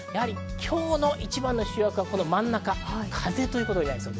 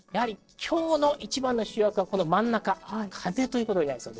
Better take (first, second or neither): first